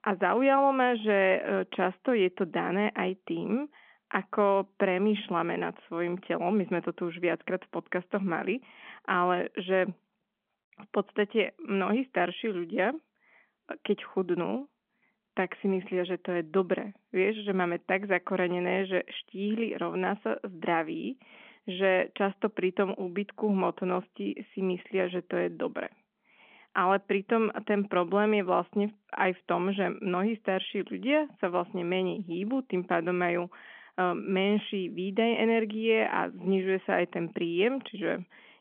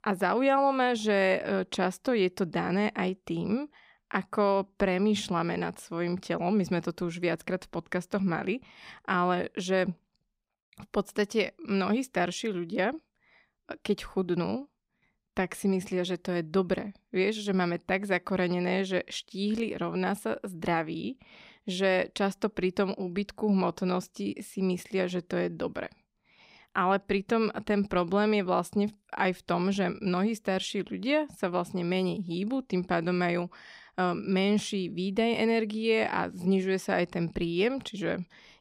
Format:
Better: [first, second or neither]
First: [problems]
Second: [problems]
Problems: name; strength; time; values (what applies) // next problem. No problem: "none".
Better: second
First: phone-call audio; nothing above 3.5 kHz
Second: none